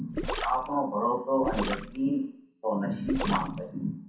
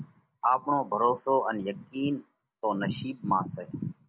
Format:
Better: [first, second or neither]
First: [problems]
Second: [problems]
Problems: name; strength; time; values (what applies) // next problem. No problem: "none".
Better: second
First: background sound (Gurgling); 6 dB below the speech // room echo; dies away in 0.6 s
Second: none